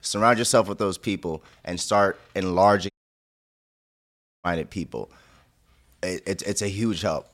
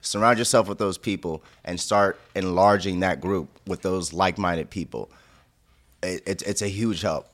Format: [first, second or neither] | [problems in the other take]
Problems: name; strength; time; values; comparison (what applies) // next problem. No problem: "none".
second | audio cutting out; at 3 s for 1.5 s